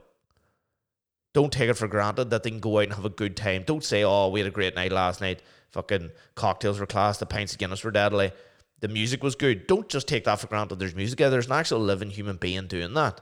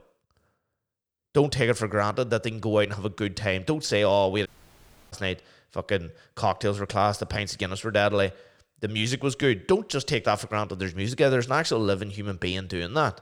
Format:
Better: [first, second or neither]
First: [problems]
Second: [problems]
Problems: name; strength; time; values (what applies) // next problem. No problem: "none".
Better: first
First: none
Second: audio cutting out; at 4.5 s for 0.5 s